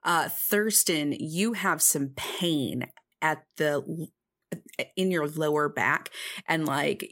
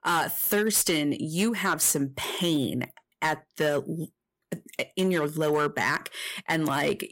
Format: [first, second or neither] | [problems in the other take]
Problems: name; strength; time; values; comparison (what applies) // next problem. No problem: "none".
first | distortion; slight; 5% of the sound clipped